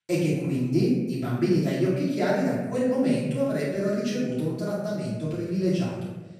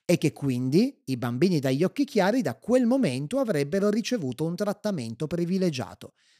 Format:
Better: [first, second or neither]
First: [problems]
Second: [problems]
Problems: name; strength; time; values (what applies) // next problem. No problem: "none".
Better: second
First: off-mic speech; far // room echo; strong; dies away in 1.1 s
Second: none